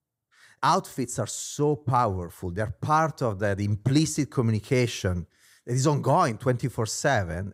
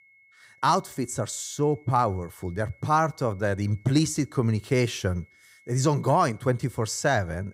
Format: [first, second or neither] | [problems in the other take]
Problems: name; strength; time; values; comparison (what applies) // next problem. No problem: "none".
first | high-pitched whine; faint; throughout; 2 kHz, 30 dB below the speech